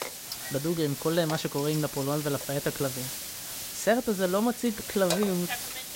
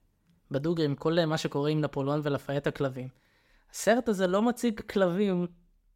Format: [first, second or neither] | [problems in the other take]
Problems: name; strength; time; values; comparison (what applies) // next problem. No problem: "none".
second | hiss; loud; throughout; 6 dB below the speech